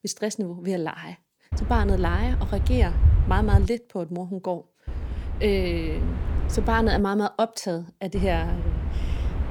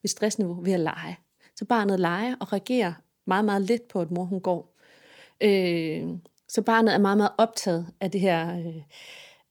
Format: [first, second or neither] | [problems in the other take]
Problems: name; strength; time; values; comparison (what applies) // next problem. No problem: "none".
second | low rumble; noticeable; from 1.5 to 3.5 s, from 5 to 7 s and from 8 s on; 15 dB below the speech